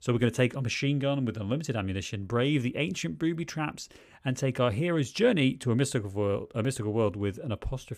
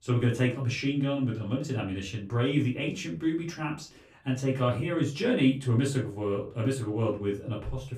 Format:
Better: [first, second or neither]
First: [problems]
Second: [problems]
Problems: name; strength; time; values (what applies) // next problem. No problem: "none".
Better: first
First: none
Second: off-mic speech; far // room echo; very slight; dies away in 0.3 s